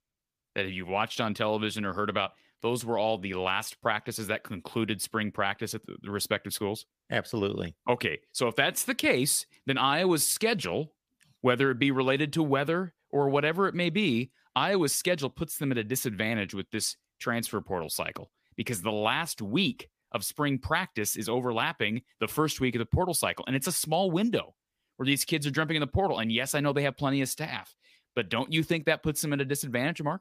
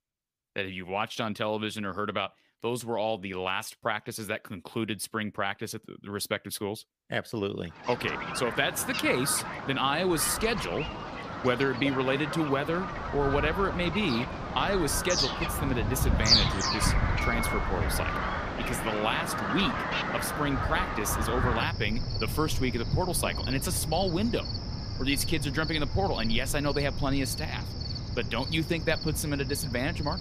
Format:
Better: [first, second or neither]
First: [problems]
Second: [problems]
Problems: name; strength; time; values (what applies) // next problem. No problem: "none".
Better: first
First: none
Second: animal sounds; loud; from 8 s on; 1 dB below the speech